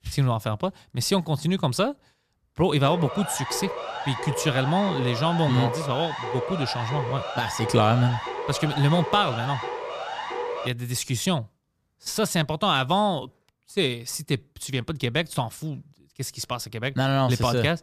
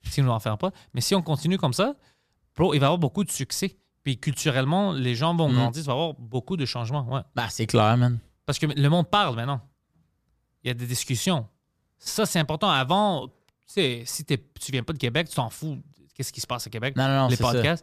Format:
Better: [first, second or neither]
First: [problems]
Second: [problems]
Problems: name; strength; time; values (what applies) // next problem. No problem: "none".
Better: second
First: siren; noticeable; from 3 to 11 s; peak 5 dB below the speech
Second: none